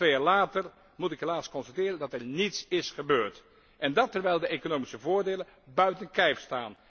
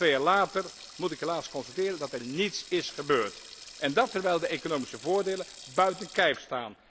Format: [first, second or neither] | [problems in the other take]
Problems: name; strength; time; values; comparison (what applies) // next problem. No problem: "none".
first | background sound (Sink (filling or washing)); 18 dB below the speech